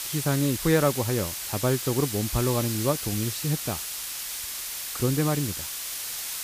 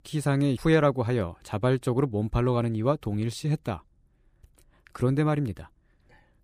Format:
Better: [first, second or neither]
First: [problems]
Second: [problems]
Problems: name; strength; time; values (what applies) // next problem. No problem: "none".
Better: second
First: hiss; loud; throughout; 4 dB below the speech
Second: none